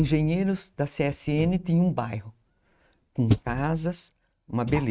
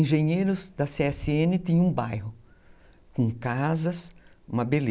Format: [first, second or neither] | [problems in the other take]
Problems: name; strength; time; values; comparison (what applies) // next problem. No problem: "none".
second | noise reduction (neural mask model RNNoise)